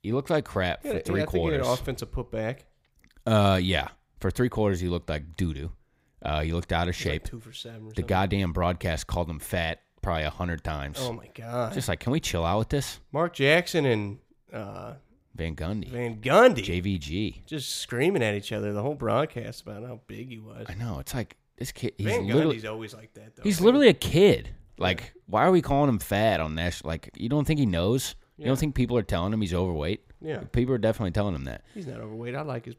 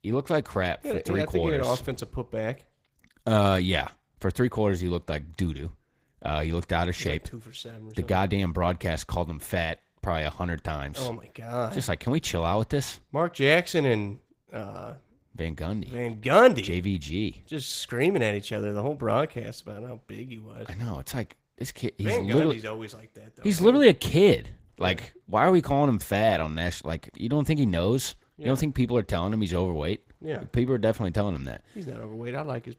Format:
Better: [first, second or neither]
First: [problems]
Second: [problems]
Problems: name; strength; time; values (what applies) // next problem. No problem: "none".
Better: first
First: none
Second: garbled, watery; slightly; nothing above 15.5 kHz